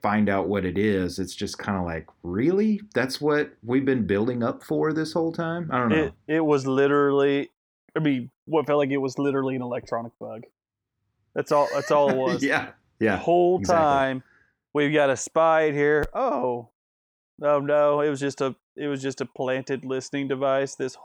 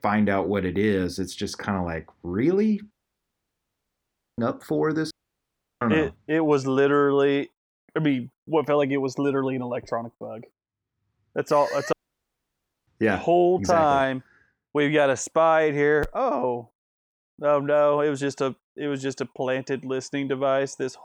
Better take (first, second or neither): first